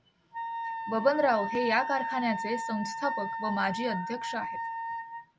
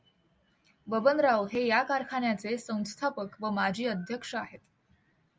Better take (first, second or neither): second